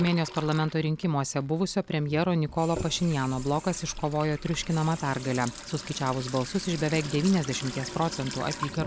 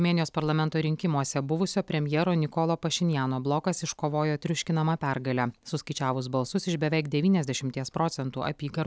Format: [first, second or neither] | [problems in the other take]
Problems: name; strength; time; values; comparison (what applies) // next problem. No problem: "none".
second | background sound (Sink (filling or washing) / Water tap, faucet); 12 dB below the speech